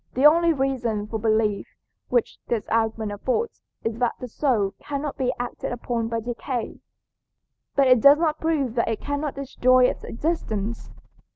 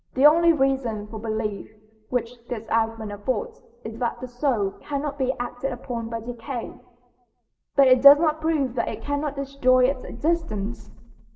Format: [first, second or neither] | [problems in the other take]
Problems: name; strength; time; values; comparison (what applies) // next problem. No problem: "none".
first | room echo; dies away in 0.9 s